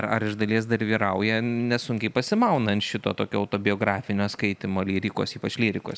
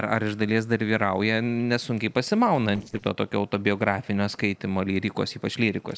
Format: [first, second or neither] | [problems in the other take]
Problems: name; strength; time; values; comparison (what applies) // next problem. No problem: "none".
first | noise reduction (neural separator model SepFormer DNS4)